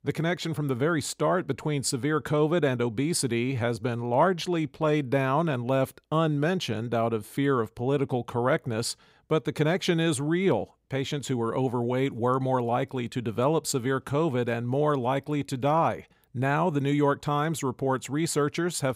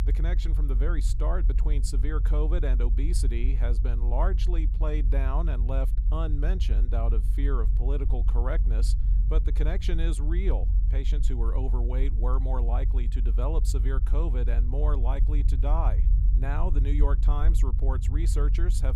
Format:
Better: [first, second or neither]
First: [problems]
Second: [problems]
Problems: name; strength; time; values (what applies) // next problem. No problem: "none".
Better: first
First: none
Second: low rumble; noticeable; throughout; 10 dB below the speech